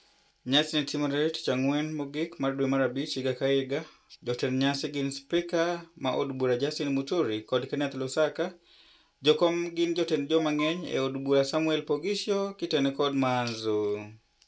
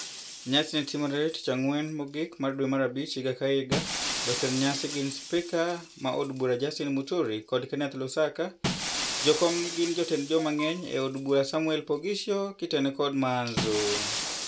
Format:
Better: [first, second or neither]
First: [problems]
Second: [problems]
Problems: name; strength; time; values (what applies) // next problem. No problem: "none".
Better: first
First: none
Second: background sound (Shatter); 8 dB below the speech